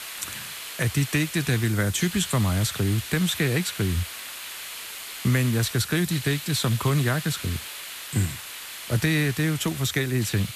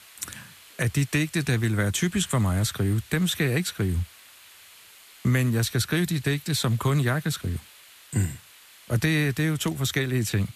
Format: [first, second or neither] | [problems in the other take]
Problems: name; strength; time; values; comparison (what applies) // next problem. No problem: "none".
second | hiss; loud; throughout; 9 dB below the speech; faint in the second